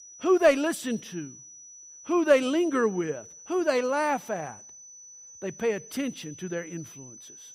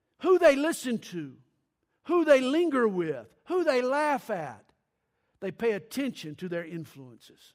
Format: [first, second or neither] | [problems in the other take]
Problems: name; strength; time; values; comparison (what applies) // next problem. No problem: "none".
second | high-pitched whine; noticeable; throughout; 6 kHz, 20 dB below the speech